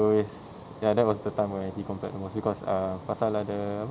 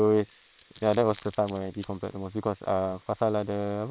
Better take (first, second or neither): first